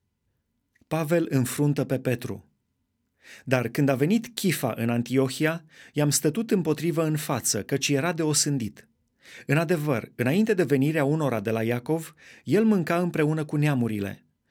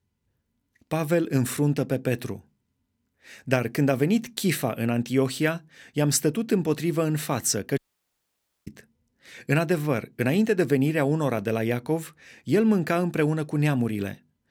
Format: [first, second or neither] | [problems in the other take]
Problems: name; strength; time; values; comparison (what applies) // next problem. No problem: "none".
first | audio cutting out; at 8 s for 1 s